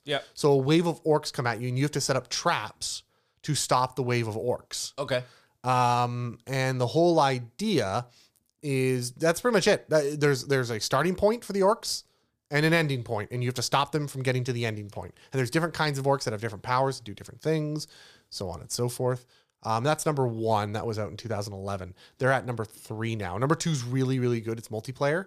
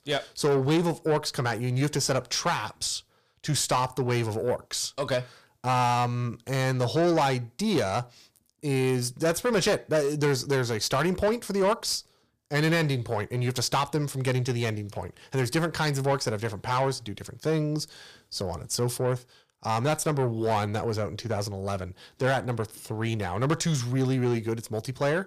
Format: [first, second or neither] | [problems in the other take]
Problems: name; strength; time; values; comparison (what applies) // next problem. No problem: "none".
first | distortion; slight; 10 dB below the speech